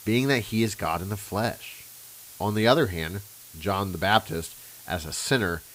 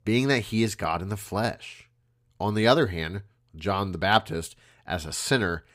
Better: second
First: hiss; noticeable; throughout; 15 dB below the speech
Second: none

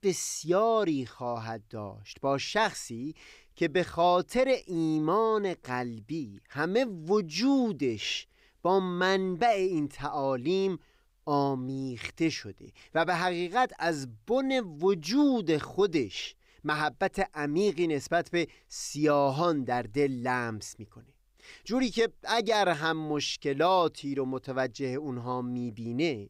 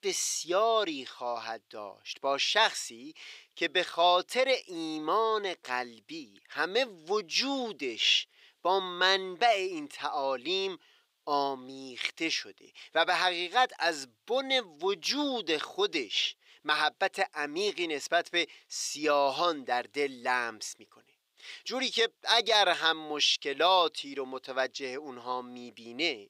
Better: first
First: none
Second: thin; somewhat; fading below 500 Hz

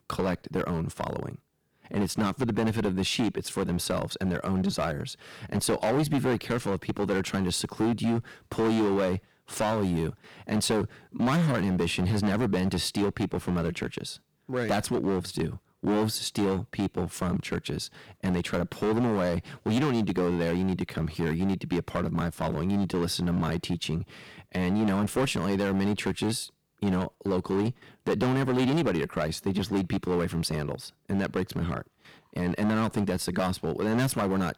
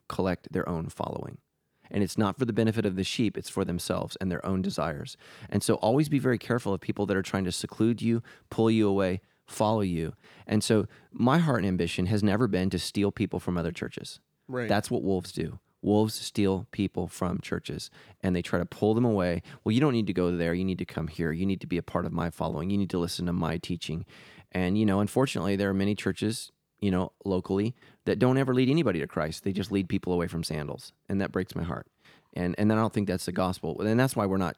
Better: second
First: distortion; heavy; 11% of the sound clipped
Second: none

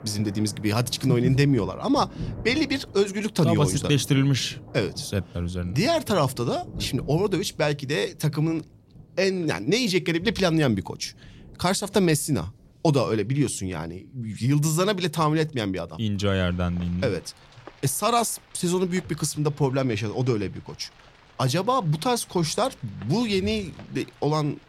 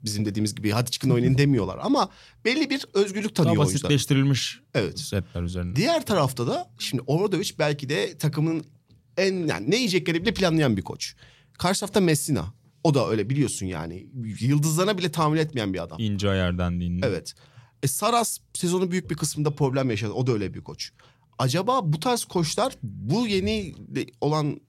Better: second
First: rain or running water; noticeable; throughout; 20 dB below the speech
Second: none

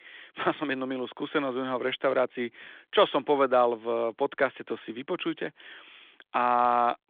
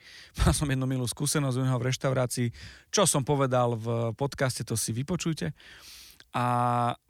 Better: second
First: phone-call audio; nothing above 3.5 kHz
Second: none

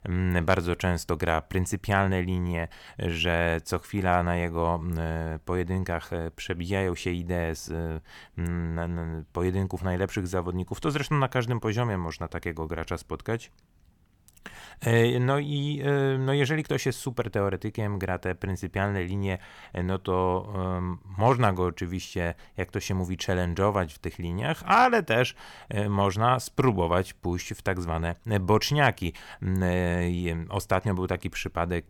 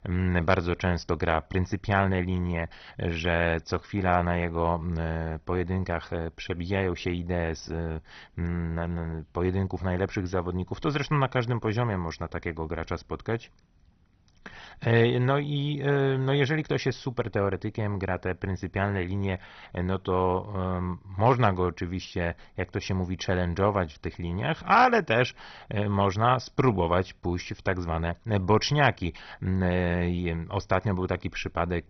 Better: first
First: none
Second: garbled, watery; badly; nothing above 6 kHz

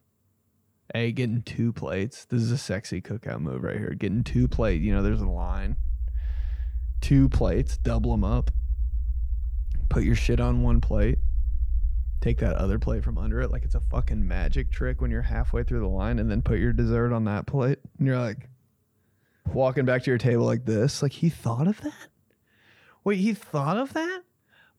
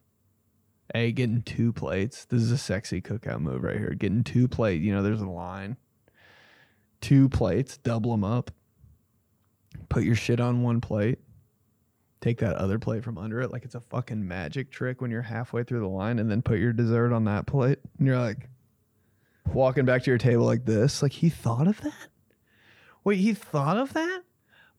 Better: second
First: low rumble; faint; from 4.5 to 17 s; 20 dB below the speech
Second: none

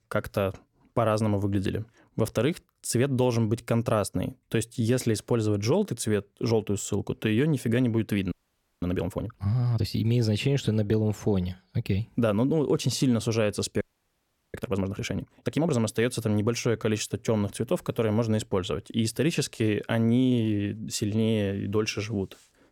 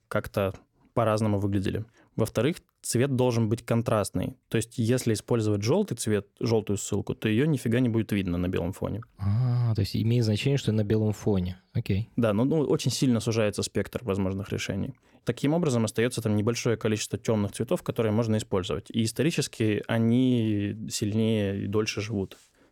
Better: second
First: audio freezing; at 8.5 s for 0.5 s and at 14 s for 0.5 s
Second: none

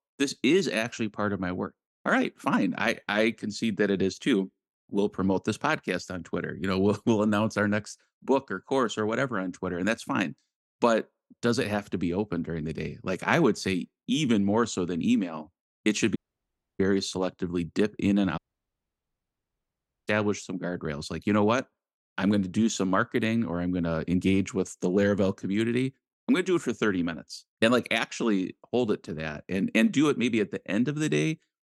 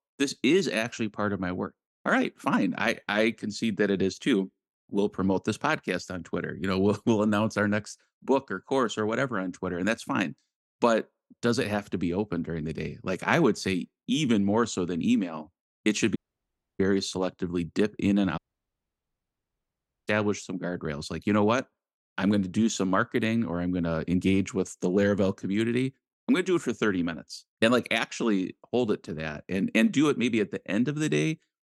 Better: neither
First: audio cutting out; at 16 s for 0.5 s and at 18 s for 1.5 s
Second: audio cutting out; at 16 s for 0.5 s and at 18 s for 1.5 s

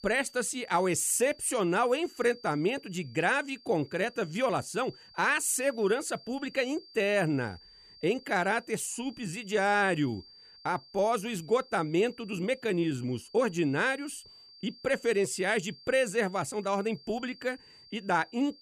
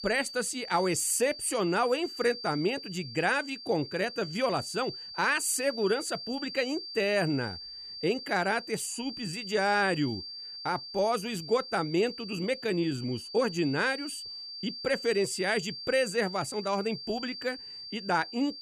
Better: first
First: high-pitched whine; faint; throughout; 4.5 kHz, 20 dB below the speech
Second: high-pitched whine; loud; throughout; 4.5 kHz, 10 dB below the speech

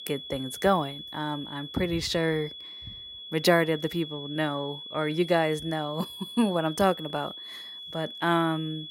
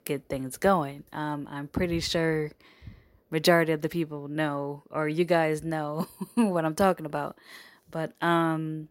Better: second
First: high-pitched whine; noticeable; throughout; 3.5 kHz, 10 dB below the speech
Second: none

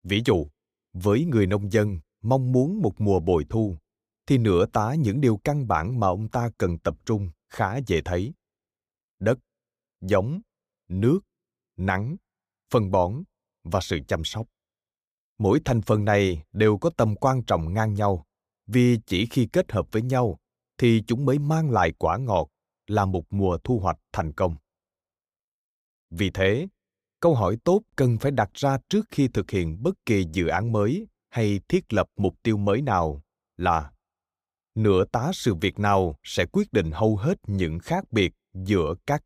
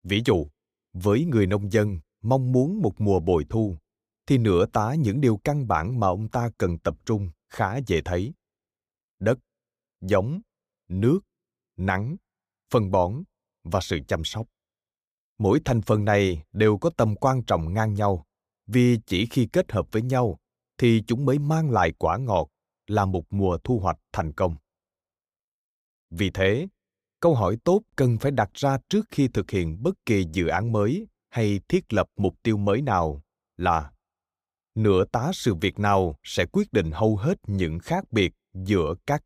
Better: neither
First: none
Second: none

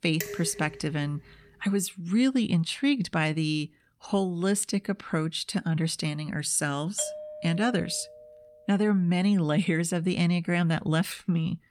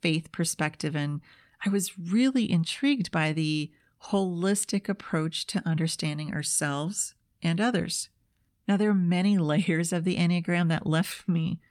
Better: second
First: clattering dishes; noticeable; at the start; peak 8 dB below the speech // doorbell; faint; from 7 to 8.5 s; peak 10 dB below the speech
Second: none

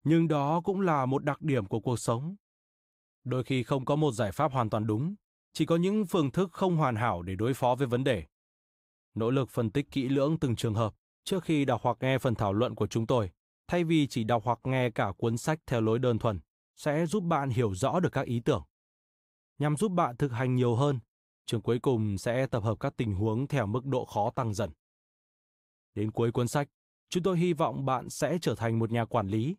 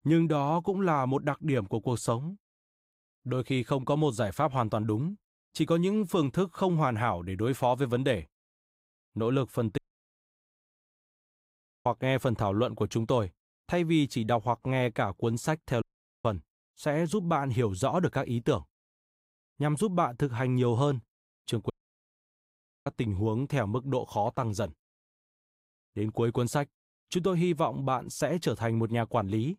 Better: first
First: none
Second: audio cutting out; at 10 s for 2 s, at 16 s and at 22 s for 1 s

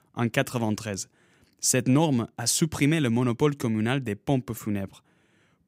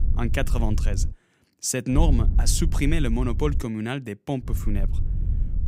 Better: first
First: none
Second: wind noise on the microphone; occasional gusts; until 1 s, from 2 to 3.5 s and from 4.5 s on; 15 dB below the speech

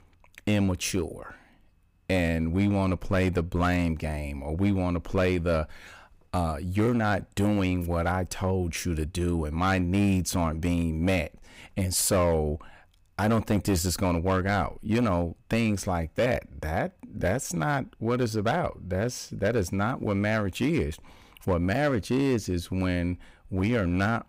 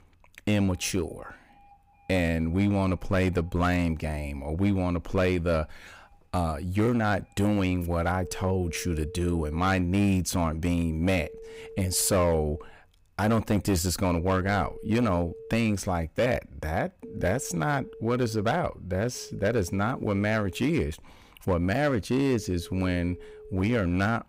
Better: first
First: none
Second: alarms or sirens; noticeable; throughout; 20 dB below the speech

